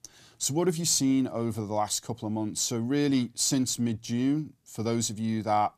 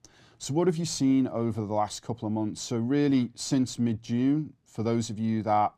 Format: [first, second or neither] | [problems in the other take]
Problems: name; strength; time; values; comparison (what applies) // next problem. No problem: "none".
first | muffled; slightly; fading above 2 kHz